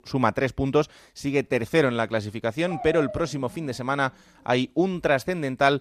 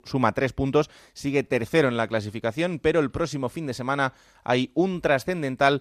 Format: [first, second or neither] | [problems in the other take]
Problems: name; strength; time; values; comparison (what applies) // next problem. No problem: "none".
second | dog barking; noticeable; from 2.5 to 4 s; peak 8 dB below the speech